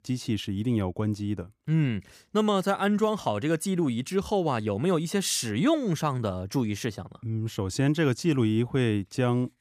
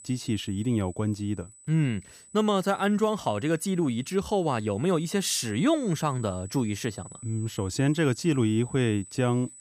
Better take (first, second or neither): first